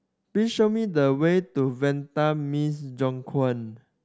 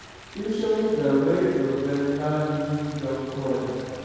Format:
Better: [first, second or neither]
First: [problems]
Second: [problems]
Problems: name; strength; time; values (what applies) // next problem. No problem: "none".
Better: first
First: none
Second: background sound (Stream); 18 dB below the speech // room echo; dies away in 2.2 s